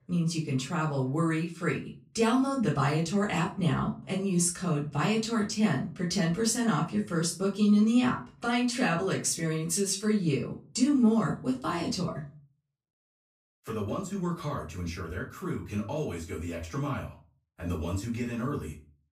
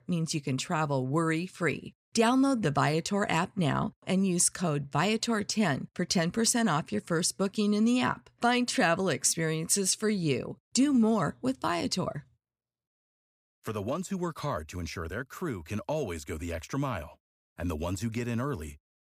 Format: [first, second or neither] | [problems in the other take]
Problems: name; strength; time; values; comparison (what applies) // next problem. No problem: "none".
second | off-mic speech; far // room echo; very slight; dies away in 0.3 s